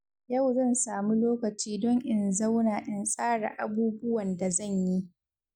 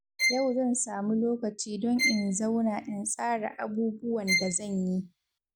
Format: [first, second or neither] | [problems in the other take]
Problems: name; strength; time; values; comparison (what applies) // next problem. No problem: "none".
first | background sound (Bowed string instrument); 4 dB below the speech